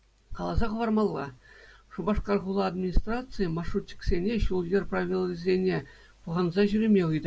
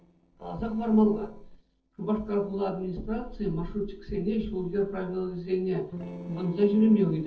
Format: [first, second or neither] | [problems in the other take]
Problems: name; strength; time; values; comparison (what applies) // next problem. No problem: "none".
first | noise reduction (neural separator model SepFormer DNS4)